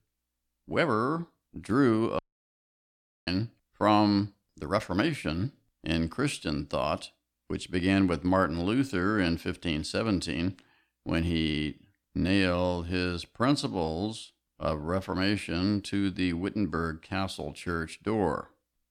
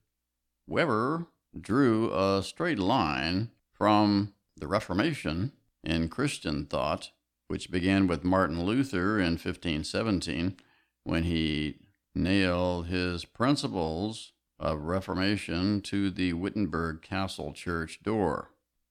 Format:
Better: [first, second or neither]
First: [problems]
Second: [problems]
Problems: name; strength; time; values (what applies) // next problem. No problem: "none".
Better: second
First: audio cutting out; at 2 s for 1 s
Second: none